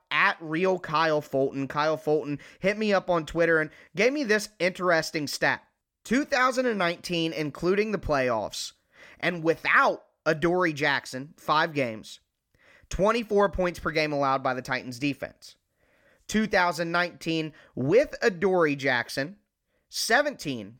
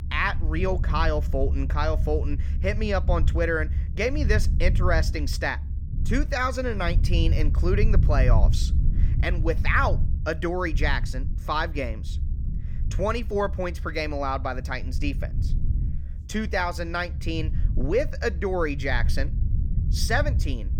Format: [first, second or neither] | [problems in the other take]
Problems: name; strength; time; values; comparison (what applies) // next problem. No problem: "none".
first | low rumble; noticeable; throughout; 15 dB below the speech